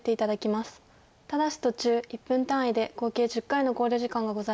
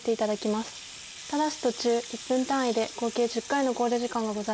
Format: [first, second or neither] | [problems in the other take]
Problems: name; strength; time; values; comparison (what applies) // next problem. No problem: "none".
first | background sound (Sink (filling or washing) / Water tap, faucet); 14 dB below the speech